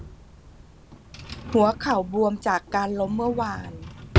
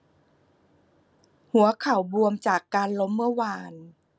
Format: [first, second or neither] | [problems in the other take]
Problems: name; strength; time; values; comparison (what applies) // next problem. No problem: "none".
second | background sound (Drawer open or close); 4 dB below the speech